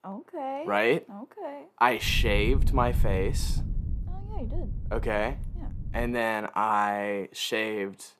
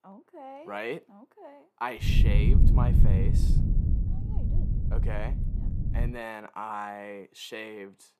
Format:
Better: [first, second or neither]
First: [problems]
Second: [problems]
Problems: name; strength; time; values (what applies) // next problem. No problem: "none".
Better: first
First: low rumble; faint; from 2 to 6 s; 20 dB below the speech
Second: low rumble; loud; from 2 to 6 s; 4 dB below the speech